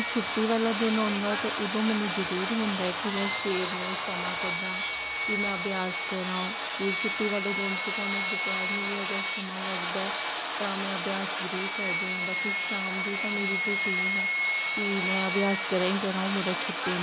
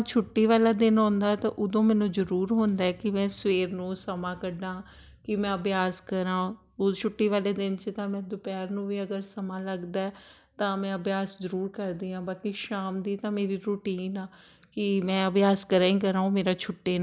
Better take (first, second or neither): second